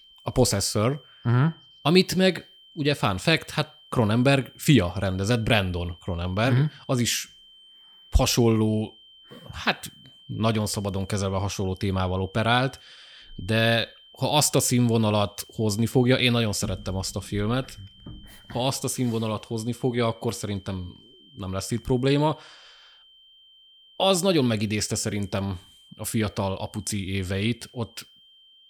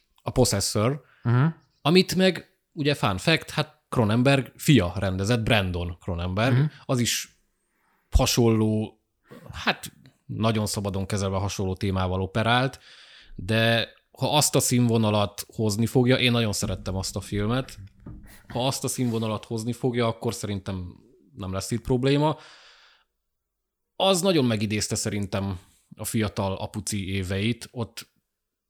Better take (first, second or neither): second